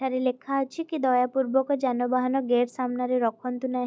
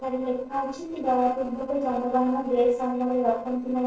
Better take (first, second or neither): first